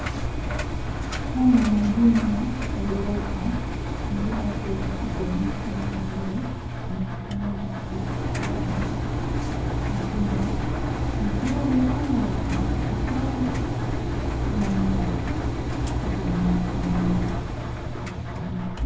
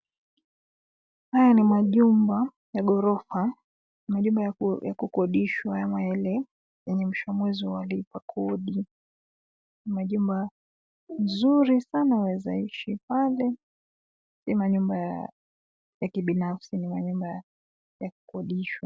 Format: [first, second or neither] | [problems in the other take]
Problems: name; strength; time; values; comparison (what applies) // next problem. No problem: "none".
second | background sound (Engine); 1 dB above the speech // room echo; dies away in 0.9 s